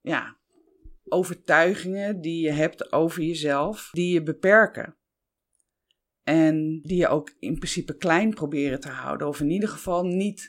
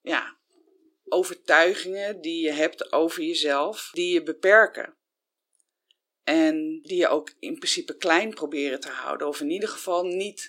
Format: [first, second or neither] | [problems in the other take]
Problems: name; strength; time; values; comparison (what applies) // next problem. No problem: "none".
first | thin; somewhat; fading below 350 Hz